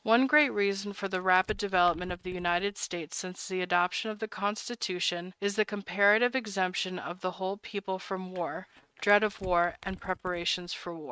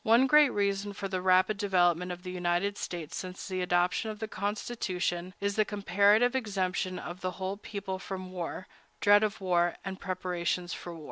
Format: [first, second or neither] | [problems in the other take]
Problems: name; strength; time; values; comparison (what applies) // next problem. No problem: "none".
second | noise reduction (neural mask model RNNoise)